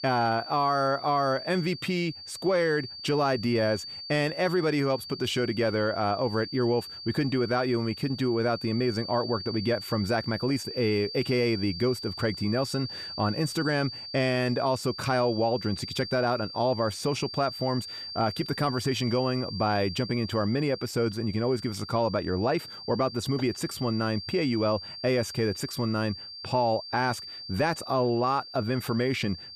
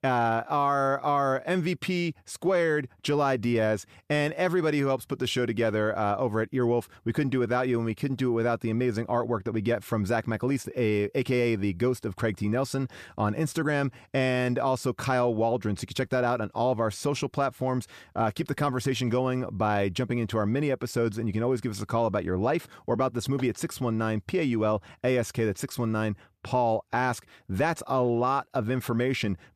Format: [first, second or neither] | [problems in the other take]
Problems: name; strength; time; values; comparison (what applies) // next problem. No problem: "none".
second | high-pitched whine; loud; throughout; 4.5 kHz, 10 dB below the speech